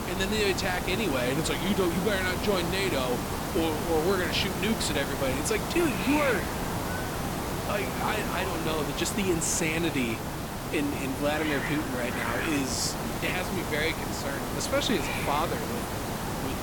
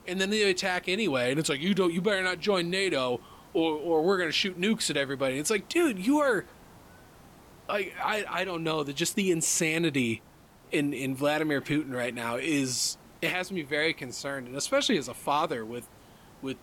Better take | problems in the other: second | hiss; loud; throughout; 2 dB below the speech; faint in the second

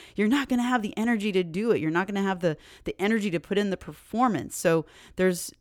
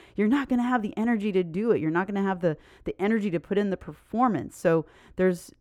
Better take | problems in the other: first | muffled; slightly; fading above 2.5 kHz

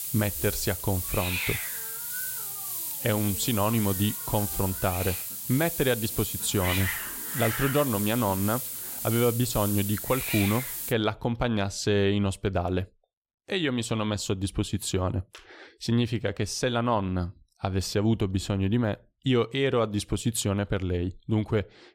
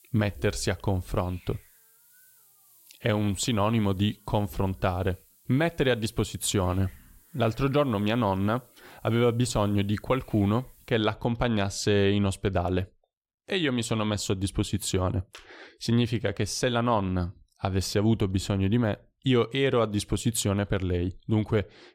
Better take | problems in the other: second | hiss; loud; until 11 s; 3 dB below the speech; faint in the second

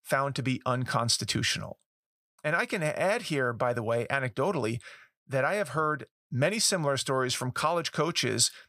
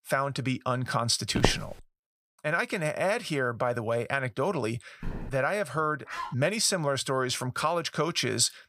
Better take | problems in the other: first | footsteps; noticeable; at 1.5 s; peak 1 dB below the speech // footsteps; faint; at 5 s; peak 10 dB below the speech // dog barking; noticeable; at 6 s; peak 9 dB below the speech

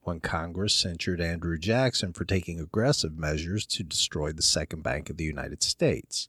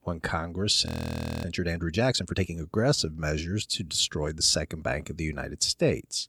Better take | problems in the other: first | audio freezing; at 1 s for 0.5 s

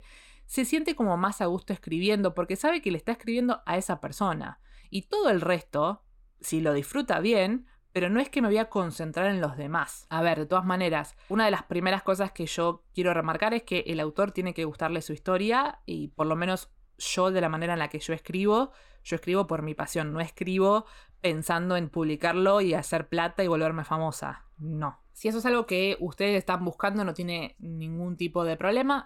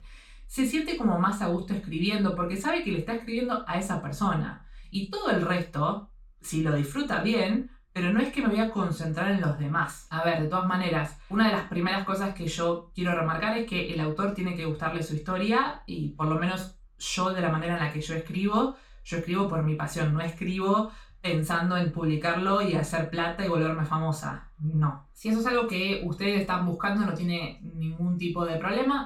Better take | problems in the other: first | room echo; slight; dies away in 0.3 s // off-mic speech; far

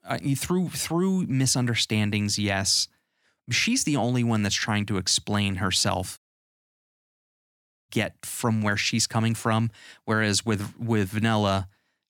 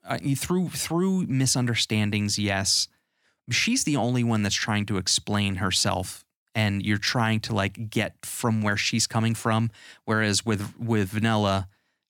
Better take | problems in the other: second | audio cutting out; at 6 s for 1.5 s

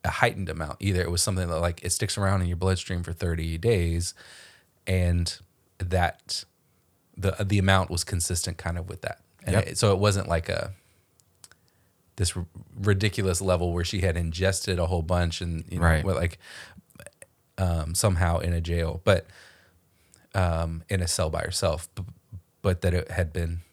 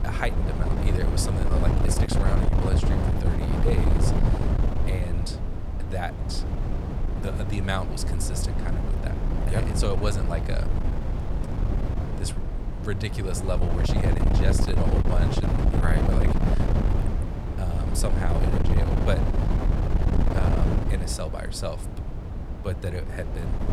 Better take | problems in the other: first | wind noise on the microphone; heavy; as loud as the speech

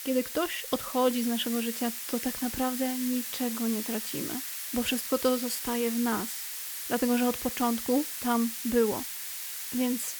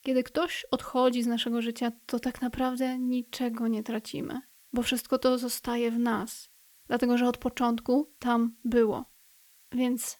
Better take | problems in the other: second | hiss; loud; throughout; 4 dB below the speech; faint in the second

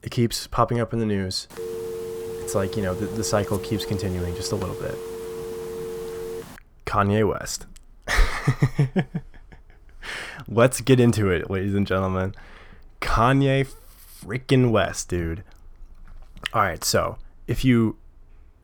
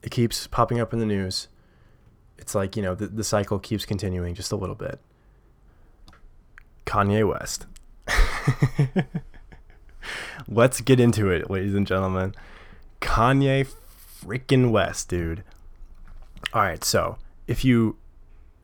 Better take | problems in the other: second | phone ringing; noticeable; from 1.5 to 6.5 s; peak 8 dB below the speech

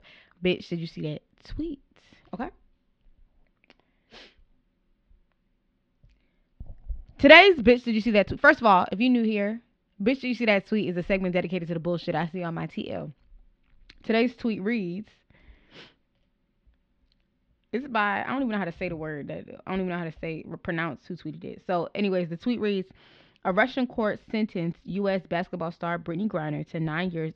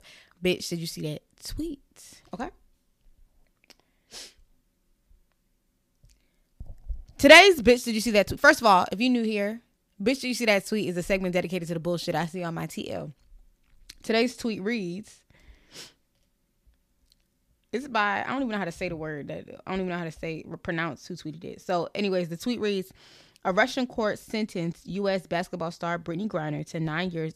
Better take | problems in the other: second | muffled; slightly; fading above 3.5 kHz

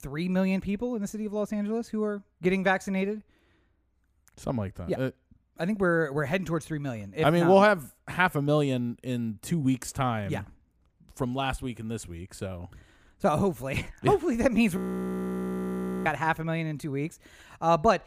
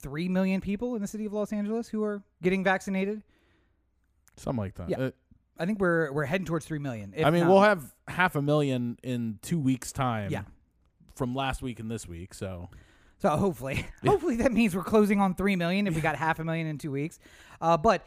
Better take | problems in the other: second | audio freezing; at 15 s for 1.5 s

